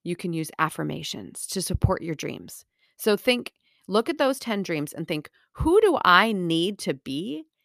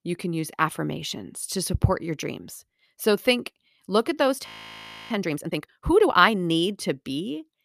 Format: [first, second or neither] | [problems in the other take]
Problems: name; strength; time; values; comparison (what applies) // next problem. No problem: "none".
first | audio freezing; at 4.5 s for 0.5 s